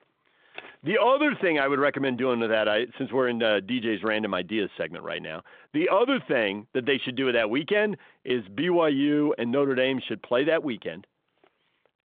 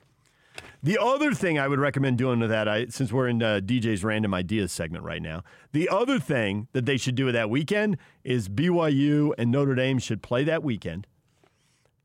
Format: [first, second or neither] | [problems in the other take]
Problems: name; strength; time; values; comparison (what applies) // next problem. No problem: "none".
second | phone-call audio